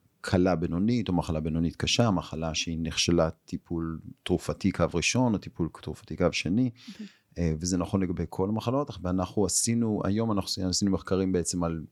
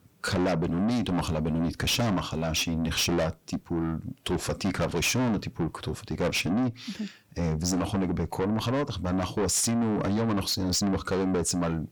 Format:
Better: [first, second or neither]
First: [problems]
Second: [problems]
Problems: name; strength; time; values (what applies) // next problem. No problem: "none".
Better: first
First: none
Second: distortion; heavy; 5 dB below the speech